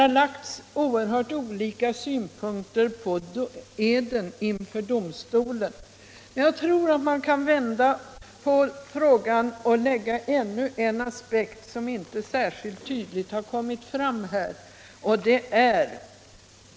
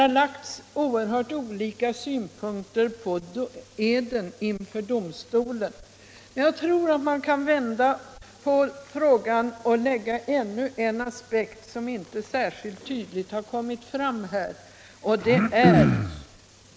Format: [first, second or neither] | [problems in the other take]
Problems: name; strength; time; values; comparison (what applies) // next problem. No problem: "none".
first | background sound (Cough); 4 dB above the speech